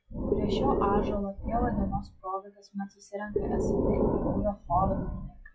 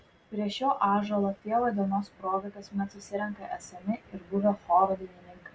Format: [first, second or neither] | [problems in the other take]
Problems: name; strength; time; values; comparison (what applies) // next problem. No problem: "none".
second | noise reduction (classical method log-MMSE)